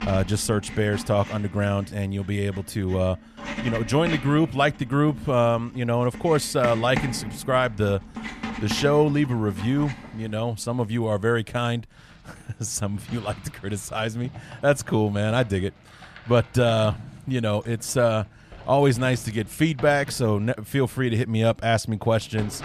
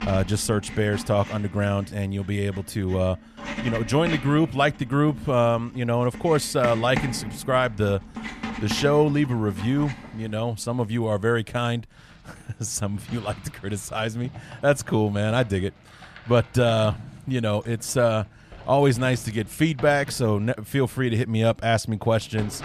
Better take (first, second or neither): neither